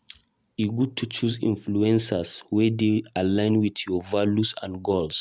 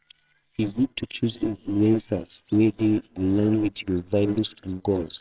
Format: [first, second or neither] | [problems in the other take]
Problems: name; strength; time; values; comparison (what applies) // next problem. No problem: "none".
first | noise reduction (neural separator model SepFormer WHAMR!)